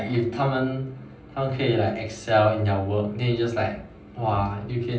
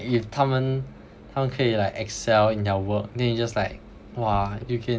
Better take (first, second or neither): second